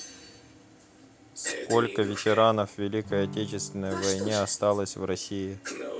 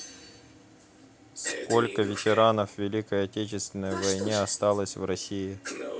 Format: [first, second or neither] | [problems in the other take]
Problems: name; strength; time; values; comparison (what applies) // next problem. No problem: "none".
second | background sound (Acoustic guitar / Strum); 13 dB below the speech